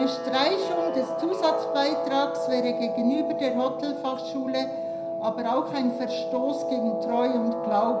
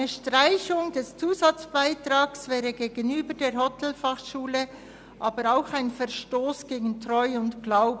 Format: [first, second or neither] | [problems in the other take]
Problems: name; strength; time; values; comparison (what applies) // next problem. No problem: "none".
second | background sound (Guitar); 2 dB below the speech // room echo; dies away in 0.4 s